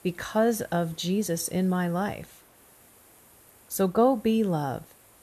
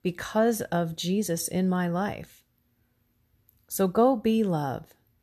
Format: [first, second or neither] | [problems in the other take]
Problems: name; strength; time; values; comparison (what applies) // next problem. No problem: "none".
second | hiss; faint; throughout; 25 dB below the speech